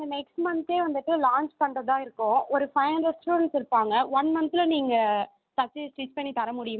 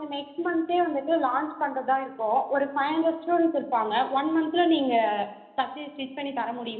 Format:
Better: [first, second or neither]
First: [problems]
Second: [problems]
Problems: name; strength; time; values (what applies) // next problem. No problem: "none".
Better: first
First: none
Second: room echo; dies away in 0.8 s